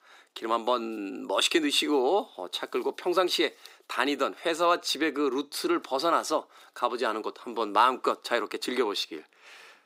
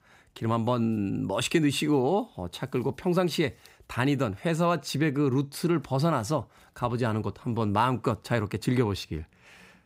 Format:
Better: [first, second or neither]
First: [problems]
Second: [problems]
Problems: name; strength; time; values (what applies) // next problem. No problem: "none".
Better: second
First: thin; somewhat; fading below 300 Hz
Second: none